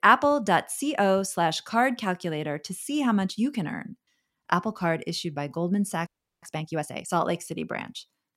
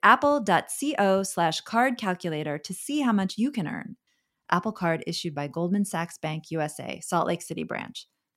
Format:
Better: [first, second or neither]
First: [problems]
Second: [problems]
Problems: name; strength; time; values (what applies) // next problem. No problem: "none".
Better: second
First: audio freezing; at 6 s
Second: none